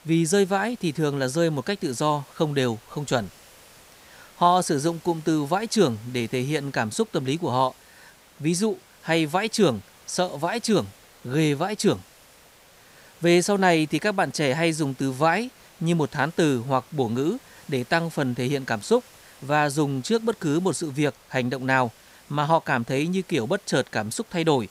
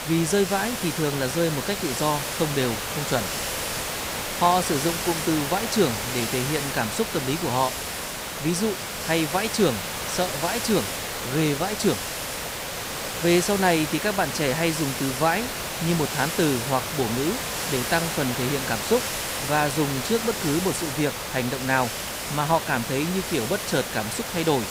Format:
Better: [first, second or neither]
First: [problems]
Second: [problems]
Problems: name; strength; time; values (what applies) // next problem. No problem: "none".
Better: first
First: hiss; faint; throughout; 25 dB below the speech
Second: hiss; loud; throughout; 3 dB below the speech